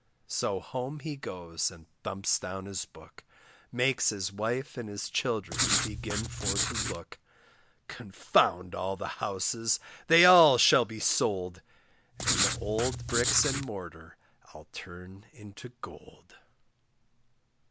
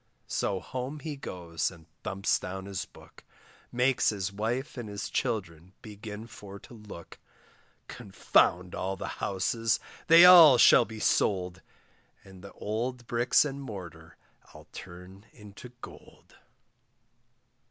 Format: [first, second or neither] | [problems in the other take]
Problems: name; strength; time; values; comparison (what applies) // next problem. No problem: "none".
second | background sound (Writing); as loud as the speech